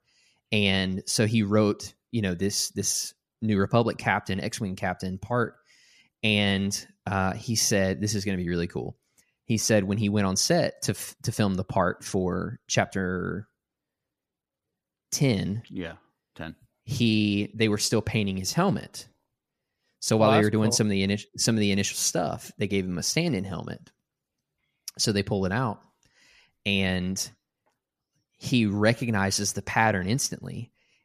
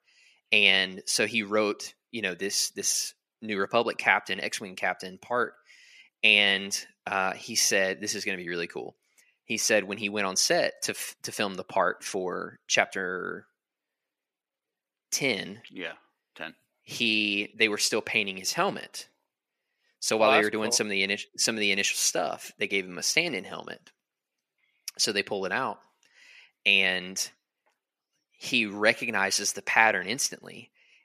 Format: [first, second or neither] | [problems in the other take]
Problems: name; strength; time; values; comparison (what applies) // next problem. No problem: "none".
first | thin; somewhat; fading below 350 Hz